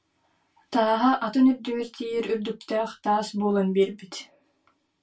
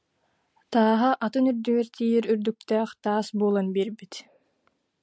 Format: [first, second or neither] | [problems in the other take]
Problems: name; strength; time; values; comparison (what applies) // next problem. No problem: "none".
second | room echo; dies away in 0.2 s